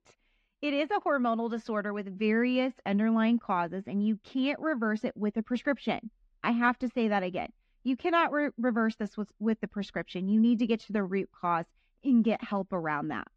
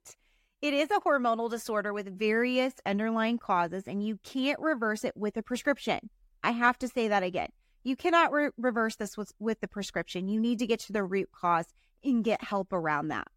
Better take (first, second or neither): second